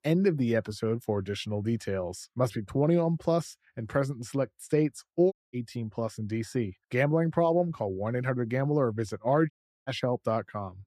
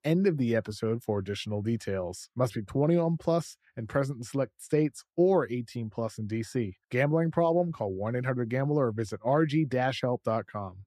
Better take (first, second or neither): second